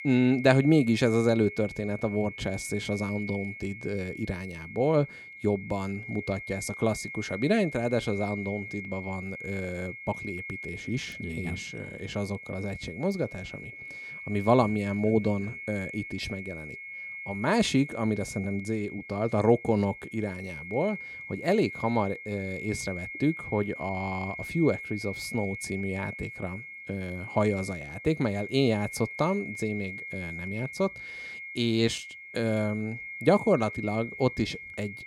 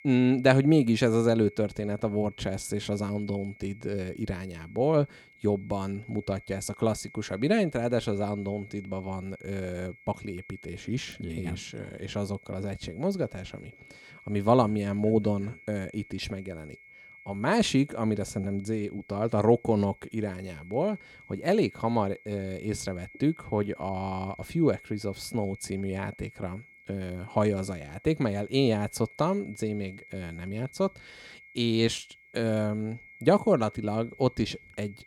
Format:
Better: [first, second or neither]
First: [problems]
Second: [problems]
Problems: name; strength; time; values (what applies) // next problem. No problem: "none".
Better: second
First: high-pitched whine; loud; throughout; 2 kHz, 10 dB below the speech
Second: high-pitched whine; faint; throughout; 2 kHz, 20 dB below the speech